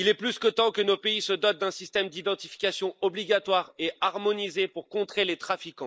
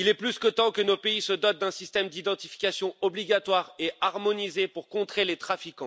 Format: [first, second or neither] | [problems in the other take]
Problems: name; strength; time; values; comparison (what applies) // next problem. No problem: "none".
second | noise reduction (neural mask model Resemble Enhance denoiser)